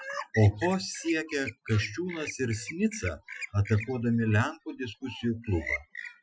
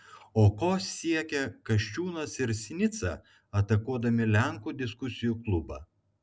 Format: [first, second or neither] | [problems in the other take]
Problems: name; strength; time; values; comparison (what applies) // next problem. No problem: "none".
second | noise reduction (classical method Wiener filter)